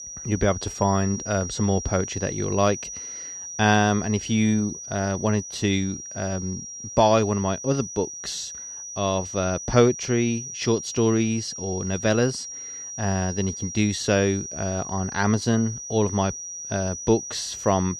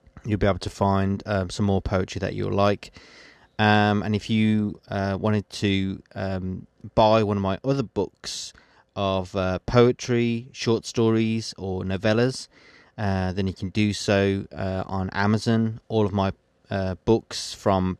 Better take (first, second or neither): second